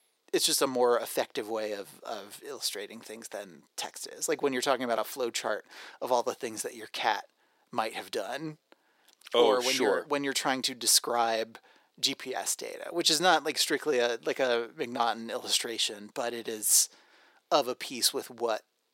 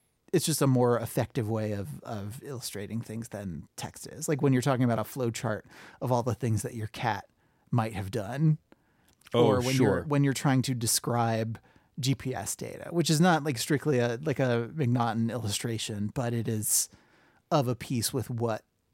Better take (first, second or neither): second